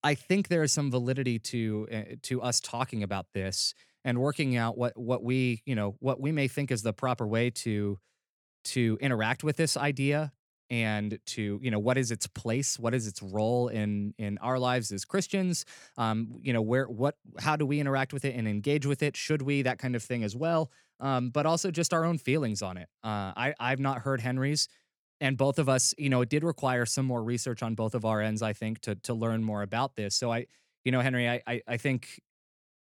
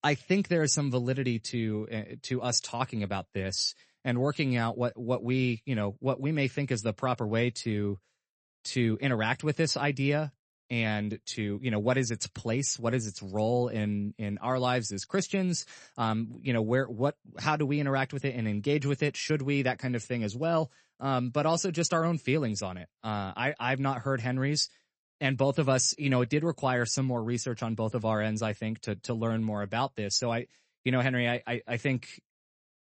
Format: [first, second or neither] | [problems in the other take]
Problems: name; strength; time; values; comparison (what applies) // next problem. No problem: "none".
first | garbled, watery; slightly; nothing above 8 kHz